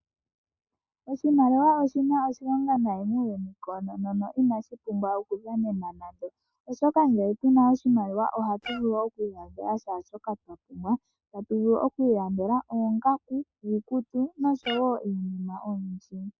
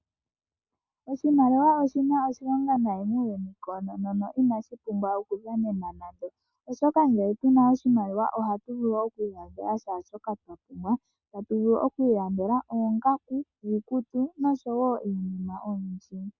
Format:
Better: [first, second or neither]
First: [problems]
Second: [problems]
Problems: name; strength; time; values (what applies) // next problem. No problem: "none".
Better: second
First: noise reduction (neural mask model Resemble Enhance denoiser)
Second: none